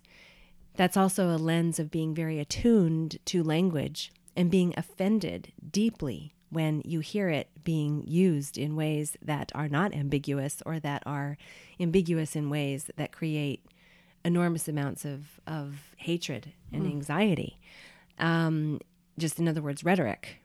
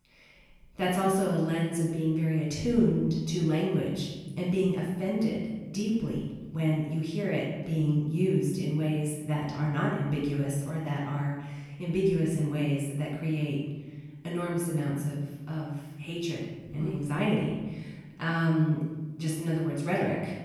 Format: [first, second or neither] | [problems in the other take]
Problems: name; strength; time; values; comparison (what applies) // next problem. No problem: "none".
first | off-mic speech; far // room echo; noticeable; dies away in 1.2 s